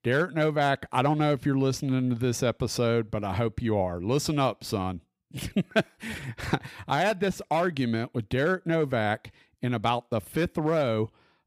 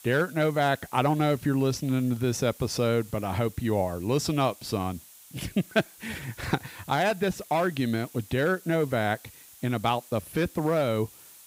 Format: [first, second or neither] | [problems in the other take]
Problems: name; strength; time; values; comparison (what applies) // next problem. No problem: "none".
first | hiss; faint; throughout; 20 dB below the speech